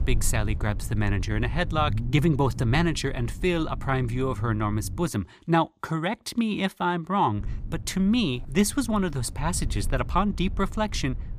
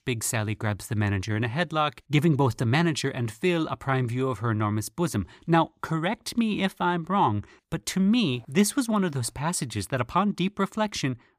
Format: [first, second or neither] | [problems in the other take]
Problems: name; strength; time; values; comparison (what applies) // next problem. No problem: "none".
second | low rumble; faint; until 5 s and from 7.5 s on; 20 dB below the speech